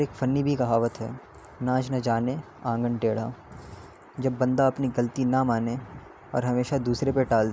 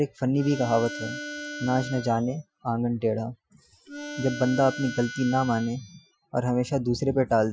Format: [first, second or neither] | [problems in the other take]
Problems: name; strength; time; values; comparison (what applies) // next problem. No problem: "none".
first | noise reduction (classical method Wiener filter)